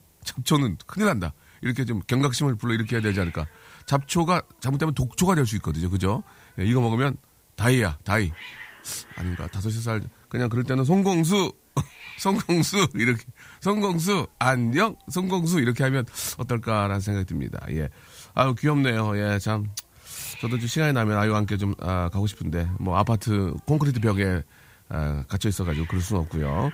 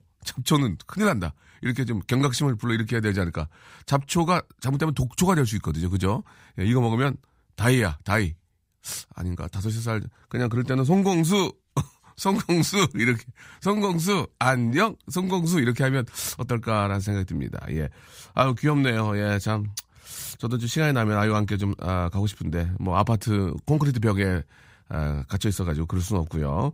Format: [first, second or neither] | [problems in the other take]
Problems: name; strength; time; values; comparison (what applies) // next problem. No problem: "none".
second | hiss; faint; throughout; 25 dB below the speech